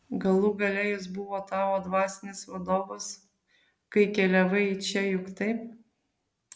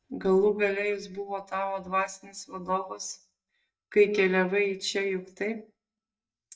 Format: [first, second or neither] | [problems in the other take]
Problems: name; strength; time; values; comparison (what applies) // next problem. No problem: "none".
first | noise reduction (neural mask model DeepFilterNet 3)